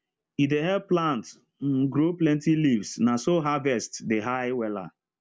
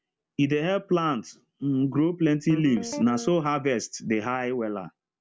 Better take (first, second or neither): first